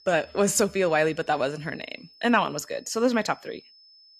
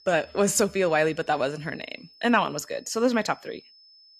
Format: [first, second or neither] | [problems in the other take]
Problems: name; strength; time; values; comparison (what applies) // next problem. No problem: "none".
neither | high-pitched whine; faint; throughout; 5 kHz, 25 dB below the speech; the same in both